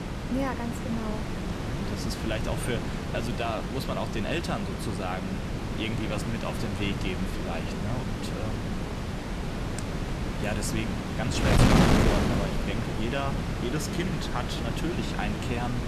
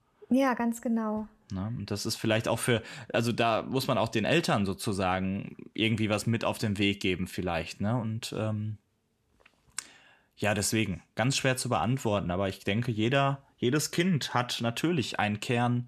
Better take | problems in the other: second | wind noise on the microphone; heavy; 1 dB above the speech

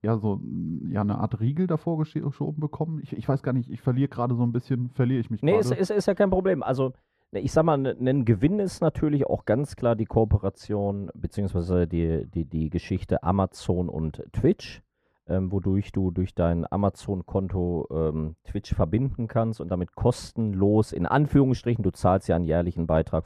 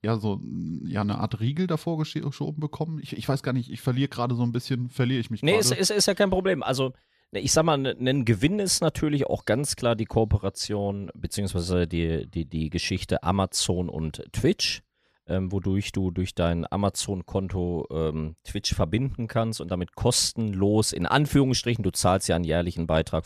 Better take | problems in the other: second | muffled; very; fading above 2 kHz

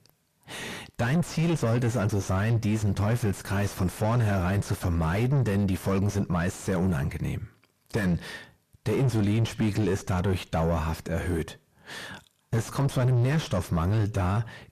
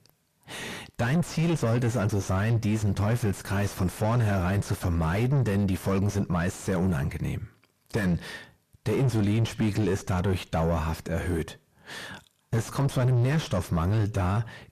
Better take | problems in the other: neither | distortion; heavy; 6 dB below the speech; the same in both

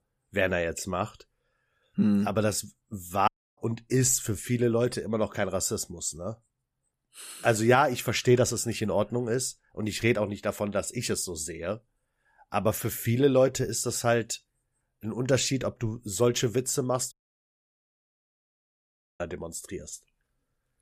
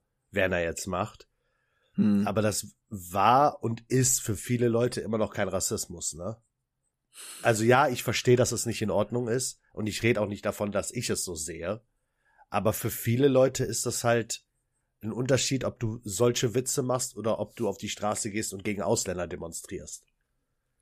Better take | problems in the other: second | audio cutting out; at 3.5 s and at 17 s for 2 s

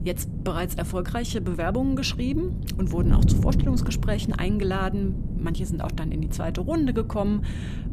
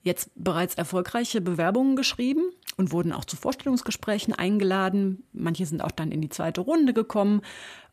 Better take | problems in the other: second | wind noise on the microphone; heavy; 8 dB below the speech

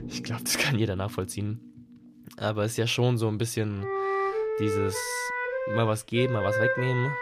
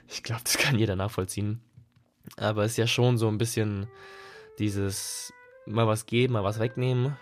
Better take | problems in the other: second | background music; loud; throughout; 2 dB below the speech; faint in the second

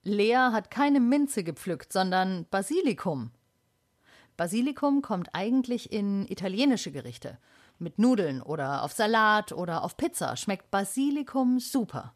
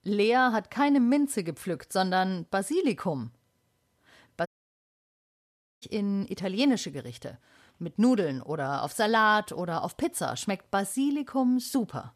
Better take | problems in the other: first | audio cutting out; at 4.5 s for 1.5 s

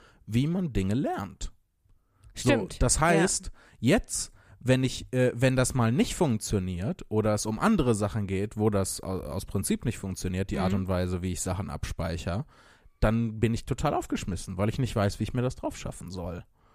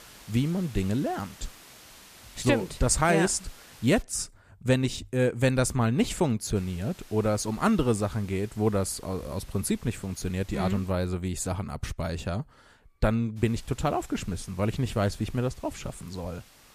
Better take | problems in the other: first | hiss; faint; until 4 s, from 6.5 to 11 s and from 13 s on; 20 dB below the speech

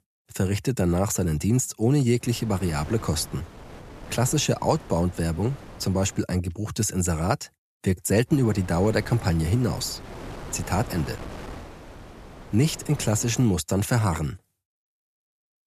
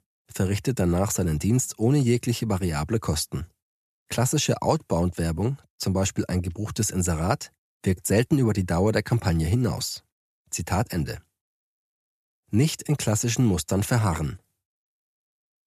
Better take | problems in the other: second | wind noise on the microphone; occasional gusts; from 2 to 6 s and from 8.5 to 13 s; 15 dB below the speech

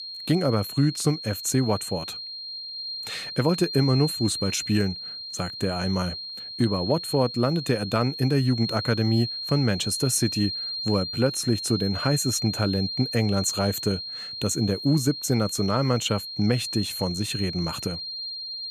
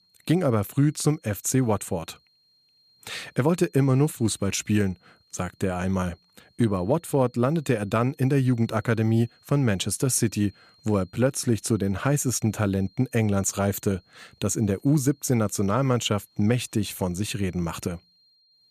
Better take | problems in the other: second | high-pitched whine; loud; throughout; 4 kHz, 6 dB below the speech; faint in the second

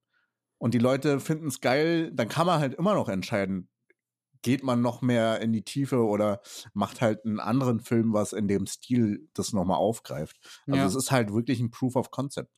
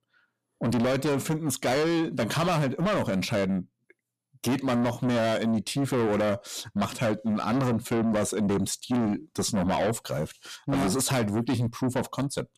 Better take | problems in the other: first | distortion; heavy; 7 dB below the speech

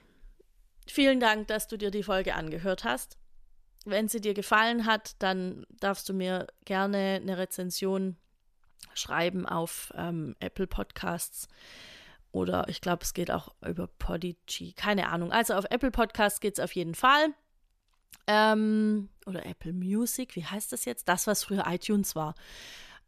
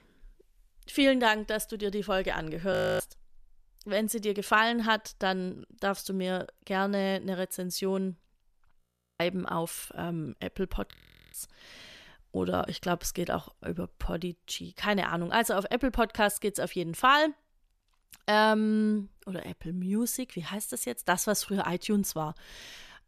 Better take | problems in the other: first | audio freezing; at 2.5 s, at 9 s and at 11 s

